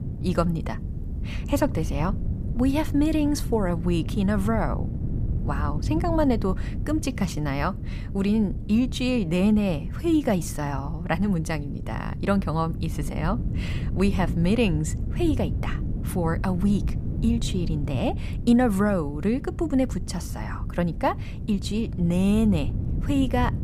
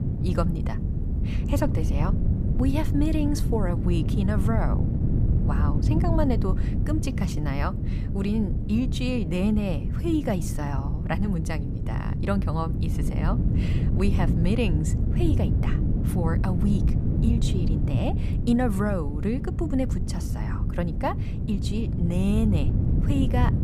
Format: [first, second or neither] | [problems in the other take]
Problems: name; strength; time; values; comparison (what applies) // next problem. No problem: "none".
first | wind noise on the microphone; heavy; 5 dB below the speech; occasional gusts in the first